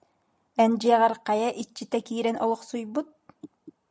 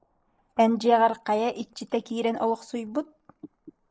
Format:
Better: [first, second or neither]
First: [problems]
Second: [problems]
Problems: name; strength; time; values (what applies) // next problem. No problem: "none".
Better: first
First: none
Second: noise reduction (neural mask model Resemble Enhance denoiser)